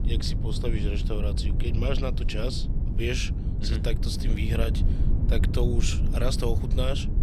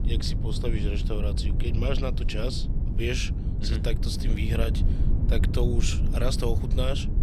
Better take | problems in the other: neither | low rumble; loud; throughout; 8 dB below the speech; the same in both

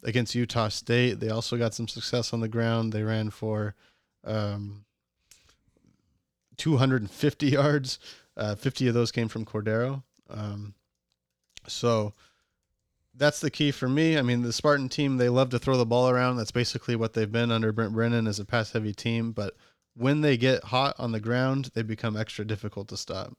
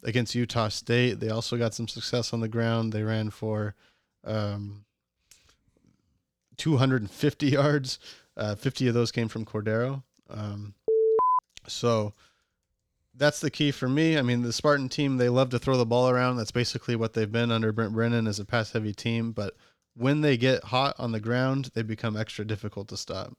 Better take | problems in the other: first | alarm; loud; at 11 s; peak 5 dB above the speech

